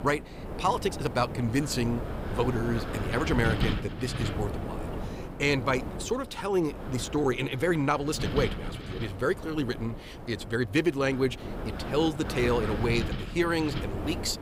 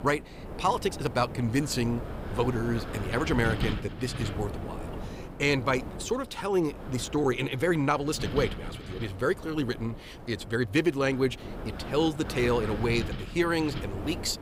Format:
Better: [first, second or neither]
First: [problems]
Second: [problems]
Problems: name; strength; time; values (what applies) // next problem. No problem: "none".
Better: second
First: wind noise on the microphone; heavy; 9 dB below the speech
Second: wind noise on the microphone; occasional gusts; 10 dB below the speech